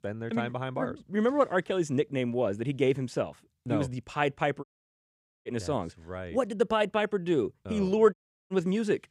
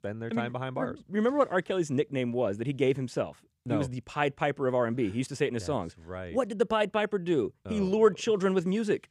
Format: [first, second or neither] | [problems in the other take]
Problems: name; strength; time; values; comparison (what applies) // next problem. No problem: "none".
second | audio cutting out; at 4.5 s for 1 s and at 8 s